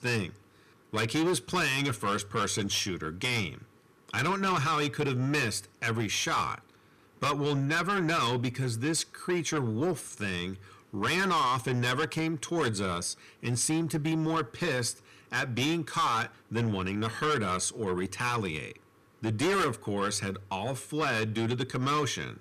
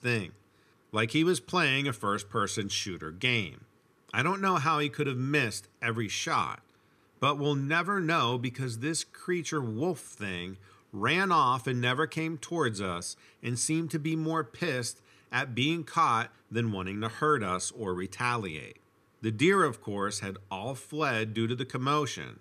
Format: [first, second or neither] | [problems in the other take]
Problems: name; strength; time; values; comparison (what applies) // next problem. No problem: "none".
second | distortion; heavy; 7 dB below the speech